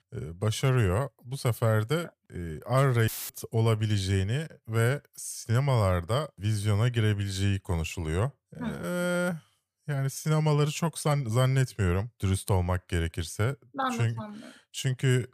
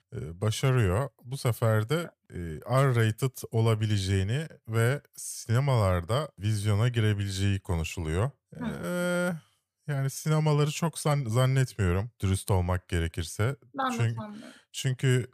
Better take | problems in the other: second | audio cutting out; filled with static; at 3 s

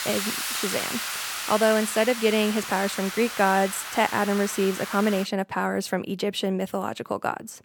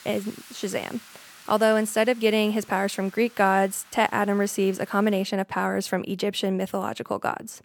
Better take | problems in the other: second | hiss; loud; until 5 s; 6 dB below the speech; faint in the second

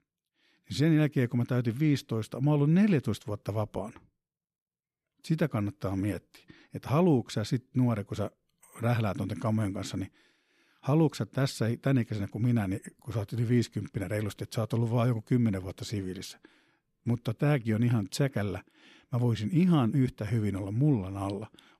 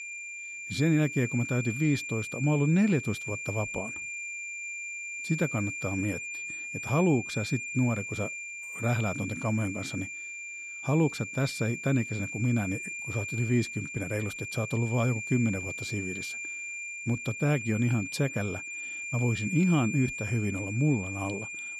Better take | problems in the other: first | high-pitched whine; loud; throughout; 2.5 kHz, 6 dB below the speech

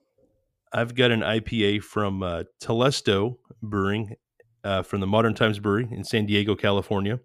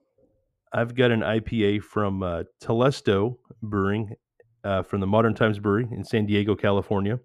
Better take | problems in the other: first | muffled; slightly; fading above 2 kHz

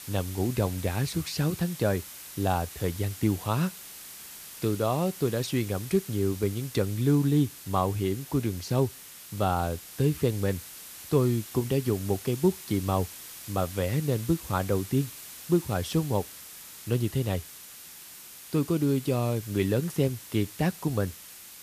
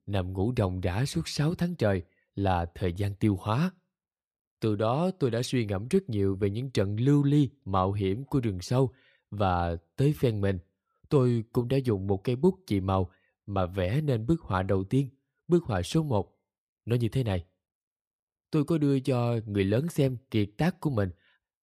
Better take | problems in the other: second | hiss; noticeable; throughout; 15 dB below the speech

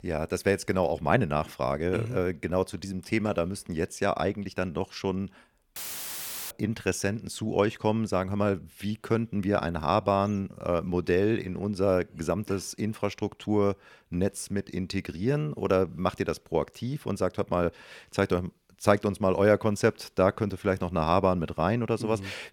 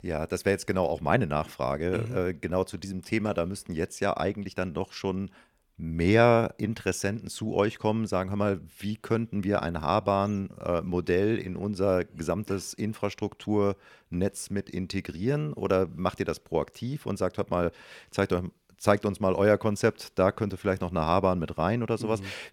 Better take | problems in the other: second | audio cutting out; filled with static; at 6 s for 1 s

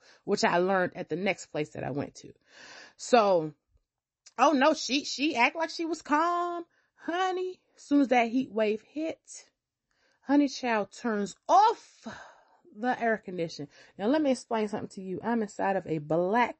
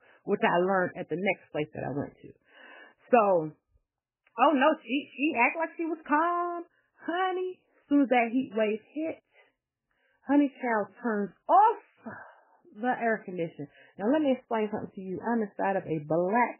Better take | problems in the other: first | garbled, watery; badly; nothing above 3 kHz; slightly in the first

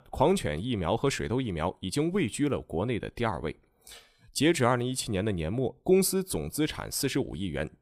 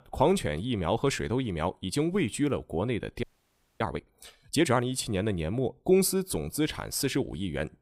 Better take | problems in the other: first | audio freezing; at 3 s for 0.5 s

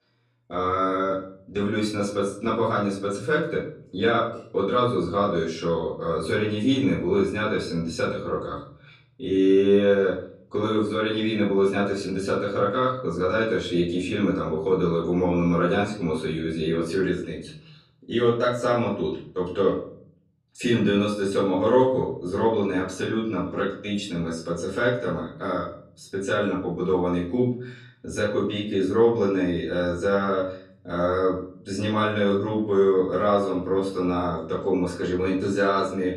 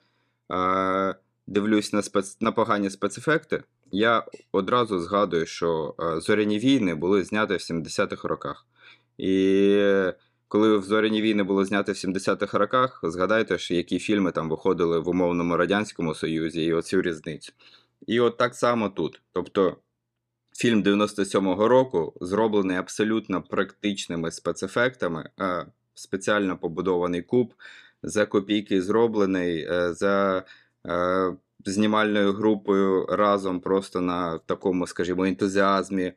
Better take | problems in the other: second | off-mic speech; far // room echo; noticeable; dies away in 0.7 s

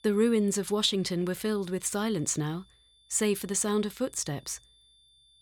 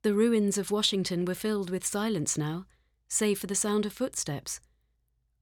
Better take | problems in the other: second | high-pitched whine; faint; throughout; 3.5 kHz, 30 dB below the speech

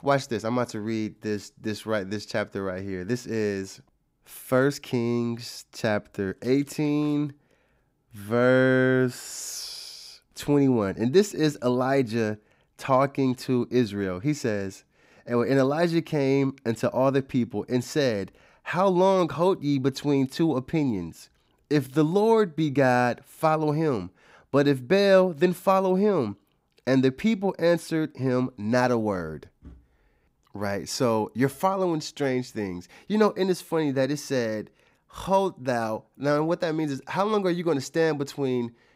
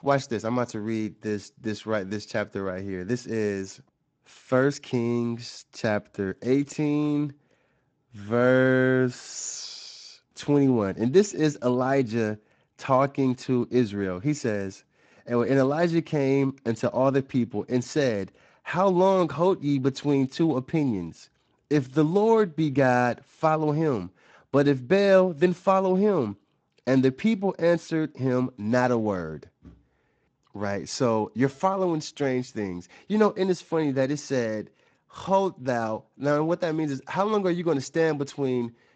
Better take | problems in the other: first | garbled, watery; slightly; nothing above 7.5 kHz

